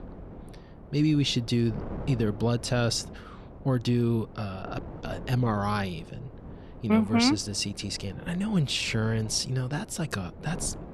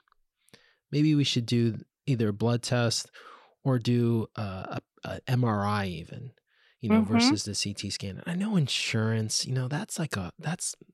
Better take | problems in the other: second | wind noise on the microphone; occasional gusts; 15 dB below the speech

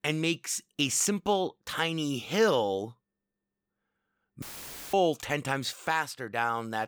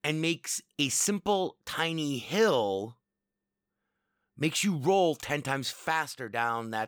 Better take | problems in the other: second | audio cutting out; filled with static; at 4.5 s for 0.5 s

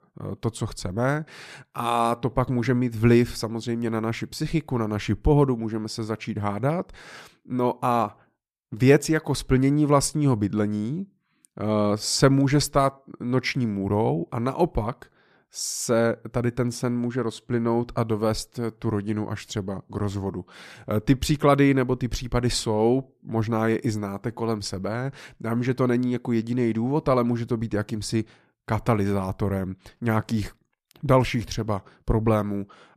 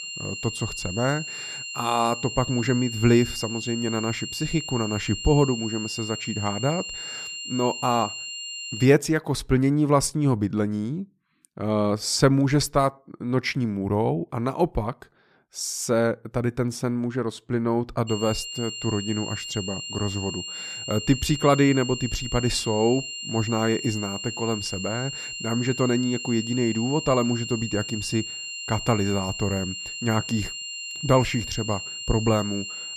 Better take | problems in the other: first | high-pitched whine; loud; until 9 s and from 18 s on; 3 kHz, 7 dB below the speech

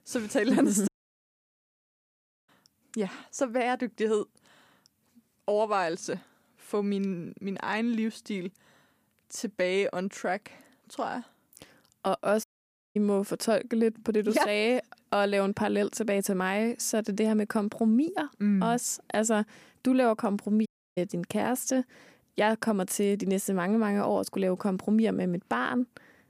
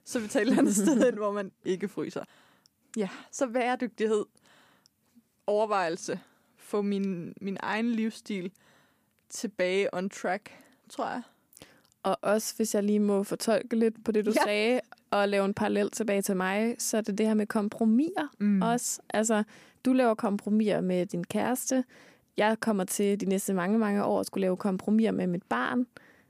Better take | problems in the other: second | audio cutting out; at 1 s for 1.5 s, at 12 s for 0.5 s and at 21 s

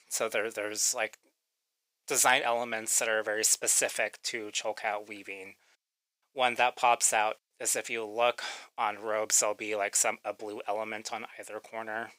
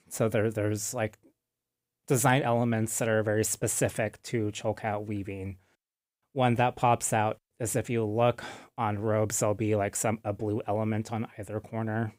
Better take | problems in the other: second | thin; very; fading below 650 Hz

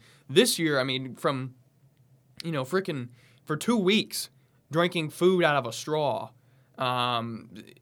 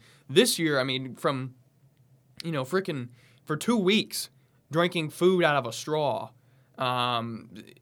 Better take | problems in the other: neither | none

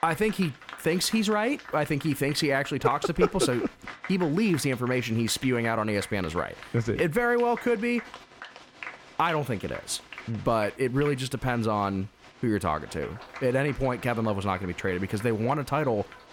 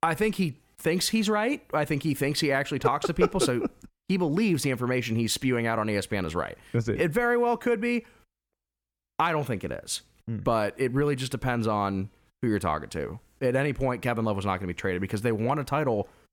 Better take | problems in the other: second | crowd noise; noticeable; throughout; 15 dB below the speech

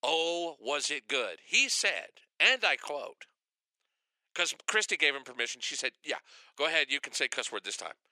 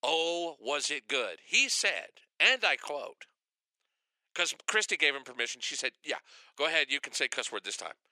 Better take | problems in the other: neither | thin; very; fading below 450 Hz; the same in both

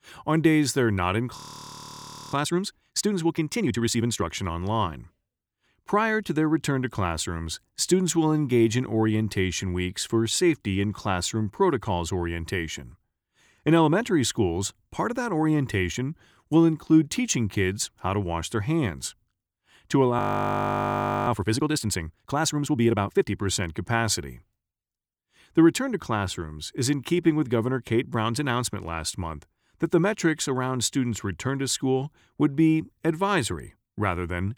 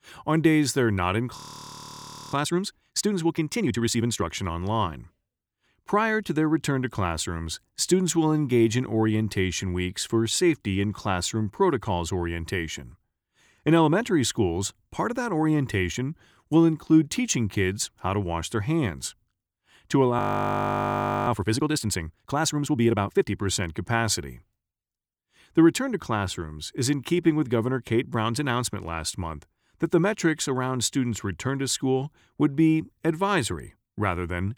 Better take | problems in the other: neither | audio freezing; at 1.5 s for 1 s and at 20 s for 1 s; the same in both

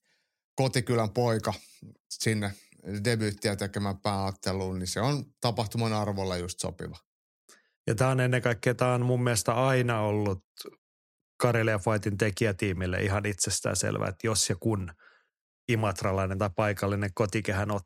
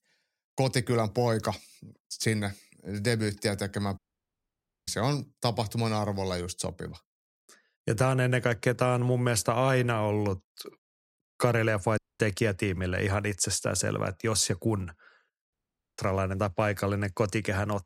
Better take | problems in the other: first | audio cutting out; at 4 s for 1 s, at 12 s and at 16 s

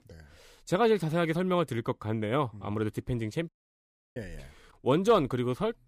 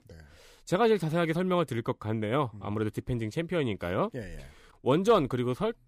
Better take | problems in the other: second | audio cutting out; at 3.5 s for 0.5 s

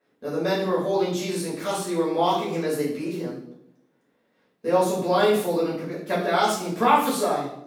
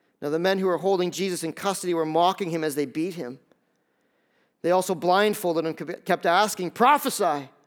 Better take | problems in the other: second | room echo; noticeable; dies away in 0.6 s // off-mic speech; far

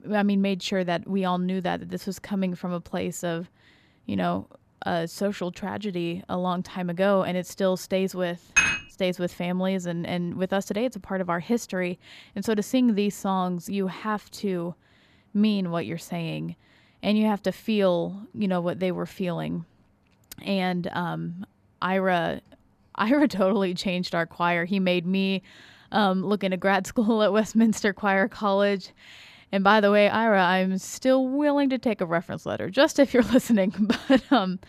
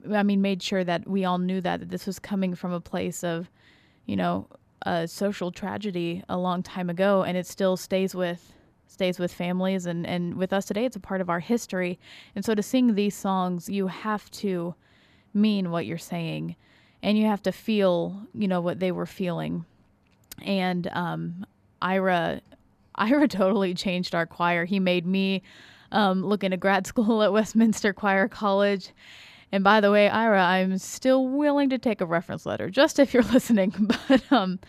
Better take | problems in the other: second | clattering dishes; loud; at 8.5 s; peak 5 dB above the speech

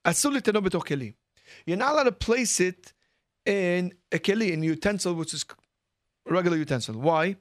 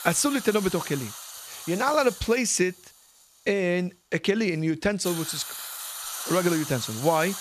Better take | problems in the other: first | hiss; loud; throughout; 9 dB below the speech

